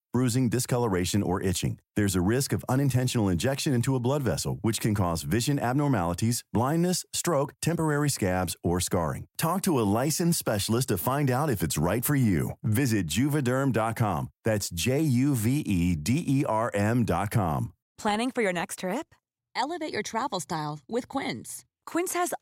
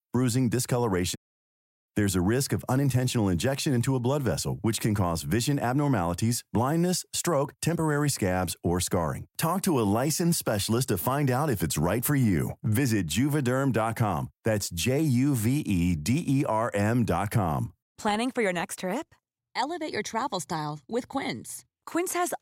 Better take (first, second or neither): first